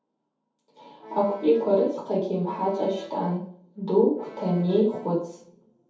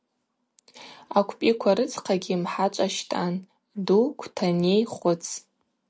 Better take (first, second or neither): second